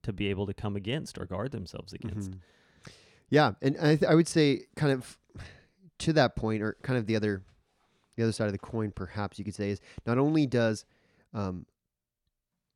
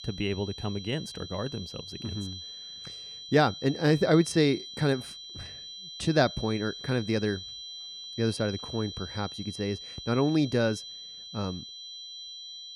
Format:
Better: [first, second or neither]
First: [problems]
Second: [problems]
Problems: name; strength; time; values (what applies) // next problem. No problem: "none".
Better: first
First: none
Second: high-pitched whine; noticeable; throughout; 4 kHz, 10 dB below the speech